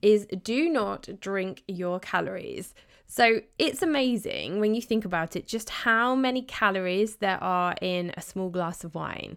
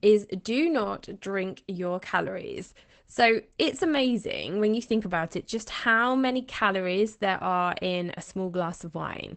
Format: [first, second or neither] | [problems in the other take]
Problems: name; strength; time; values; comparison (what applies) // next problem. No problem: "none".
first | garbled, watery; badly; nothing above 8 kHz